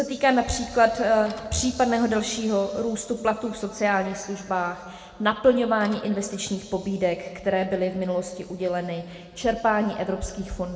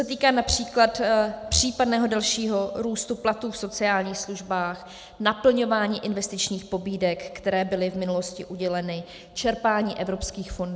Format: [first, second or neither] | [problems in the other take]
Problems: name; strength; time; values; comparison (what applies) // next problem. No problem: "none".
second | background sound (Printer); 19 dB below the speech // room echo; dies away in 2.1 s